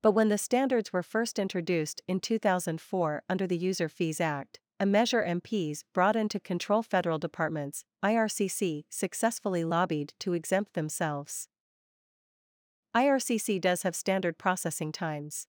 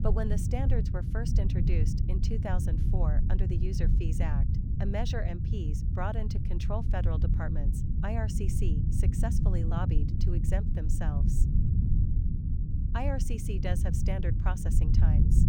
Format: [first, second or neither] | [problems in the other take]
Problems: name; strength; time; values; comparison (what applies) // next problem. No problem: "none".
first | low rumble; loud; throughout; 3 dB below the speech